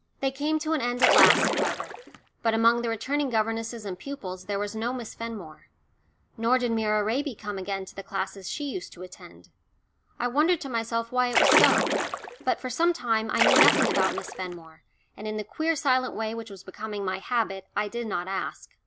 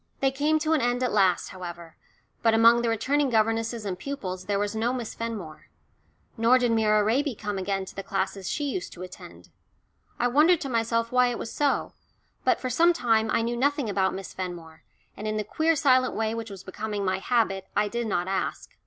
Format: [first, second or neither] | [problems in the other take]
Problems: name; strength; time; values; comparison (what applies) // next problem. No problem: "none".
second | background sound (Splash, splatter); 4 dB above the speech